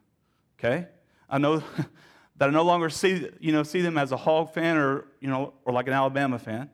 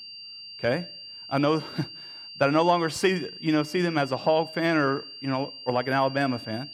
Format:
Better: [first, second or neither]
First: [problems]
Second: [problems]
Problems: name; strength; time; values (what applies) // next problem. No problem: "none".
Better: first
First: none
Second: high-pitched whine; noticeable; throughout; 4.5 kHz, 15 dB below the speech